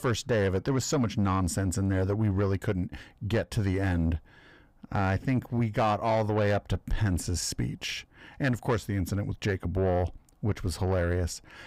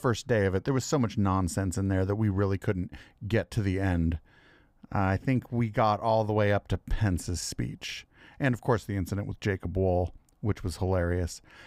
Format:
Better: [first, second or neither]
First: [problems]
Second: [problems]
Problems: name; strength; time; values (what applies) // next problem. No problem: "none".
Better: second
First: distortion; slight; 10 dB below the speech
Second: none